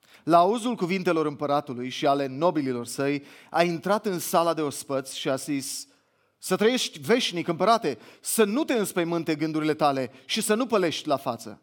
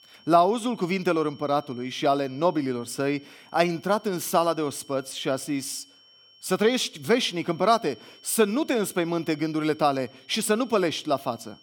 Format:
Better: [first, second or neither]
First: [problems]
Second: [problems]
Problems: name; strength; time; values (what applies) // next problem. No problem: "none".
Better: first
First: none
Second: high-pitched whine; faint; throughout; 3 kHz, 25 dB below the speech